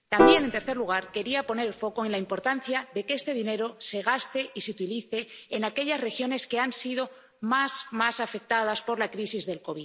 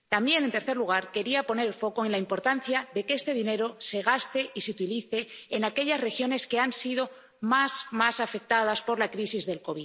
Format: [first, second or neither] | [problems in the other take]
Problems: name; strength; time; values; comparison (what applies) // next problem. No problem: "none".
second | background sound (Piano); 3 dB above the speech